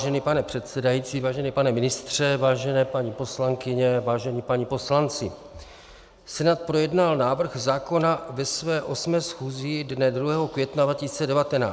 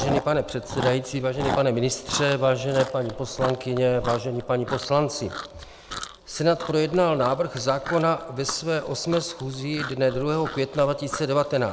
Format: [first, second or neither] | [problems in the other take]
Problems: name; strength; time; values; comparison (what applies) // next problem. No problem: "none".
first | background sound (Chewing, mastication); 11 dB below the speech